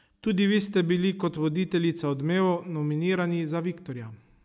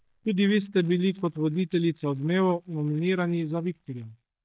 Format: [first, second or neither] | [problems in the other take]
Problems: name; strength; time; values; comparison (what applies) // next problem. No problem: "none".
first | noise reduction (neural mask model DeepFilterNet 3)